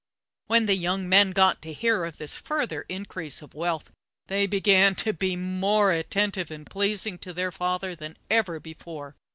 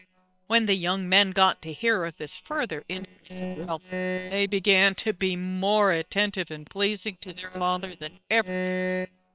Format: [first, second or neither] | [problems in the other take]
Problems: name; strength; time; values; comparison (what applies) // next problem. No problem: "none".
first | noise reduction (neural separator model SepFormer WHAM!)